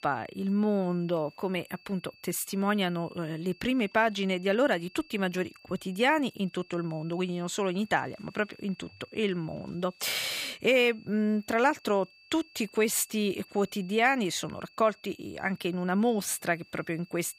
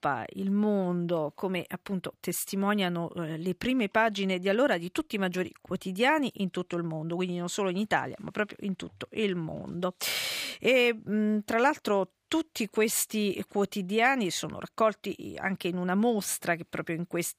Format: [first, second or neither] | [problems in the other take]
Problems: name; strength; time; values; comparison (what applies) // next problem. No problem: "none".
second | high-pitched whine; faint; throughout; 2.5 kHz, 25 dB below the speech